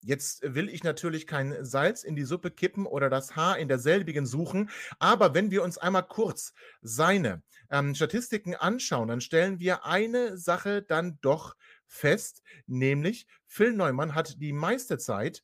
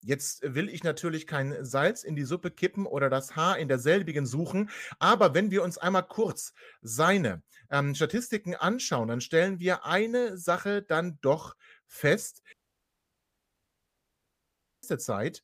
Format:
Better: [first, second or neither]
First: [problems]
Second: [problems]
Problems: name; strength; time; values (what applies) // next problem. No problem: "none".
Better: first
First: none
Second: audio cutting out; at 13 s for 2.5 s